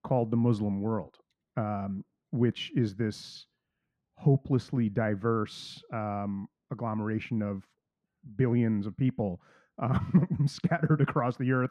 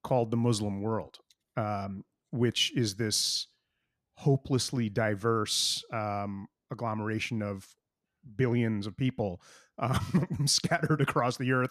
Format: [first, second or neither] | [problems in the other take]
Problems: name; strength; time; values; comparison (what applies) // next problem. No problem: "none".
second | muffled; very; fading above 3.5 kHz